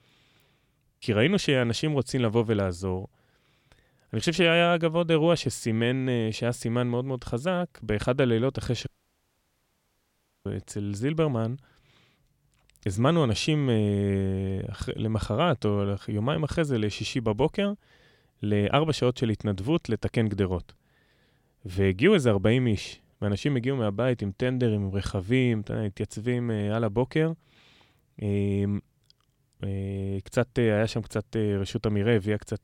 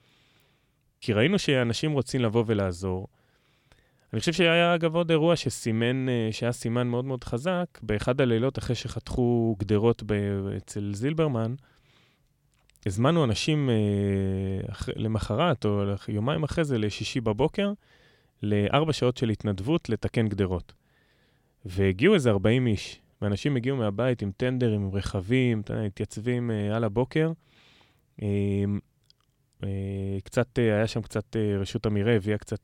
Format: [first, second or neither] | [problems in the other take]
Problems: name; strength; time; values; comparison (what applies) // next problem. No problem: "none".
second | audio cutting out; at 9 s for 1.5 s